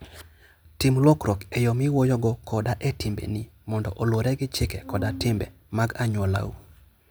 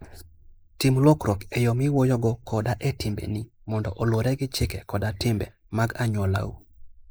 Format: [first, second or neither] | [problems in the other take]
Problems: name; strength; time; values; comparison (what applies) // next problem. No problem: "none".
first | noise reduction (neural mask model Resemble Enhance denoiser)